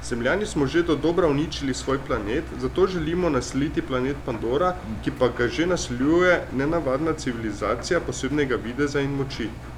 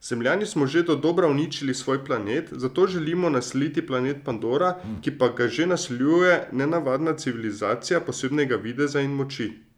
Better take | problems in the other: second | background sound (Engine); 12 dB below the speech

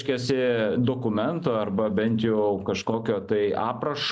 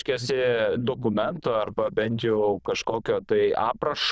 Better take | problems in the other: first | noise reduction (neural diffusion model UNIVERSE++)

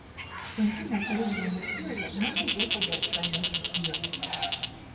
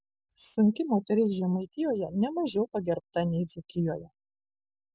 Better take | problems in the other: second | background sound (Bird); 1 dB above the speech // room echo; dies away in 1.8 s

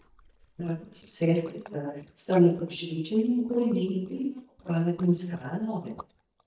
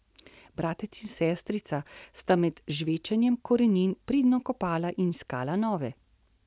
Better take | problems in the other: second | noise reduction (neural mask model DeepFilterNet 3)

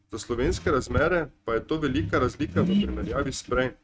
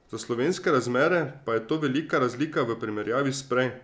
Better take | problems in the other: second | noise reduction (neural mask model RNNoise)

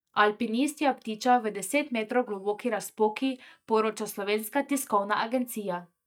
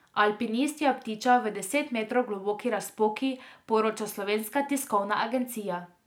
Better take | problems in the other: second | noise reduction (neural mask model DeepFilterNet 3)

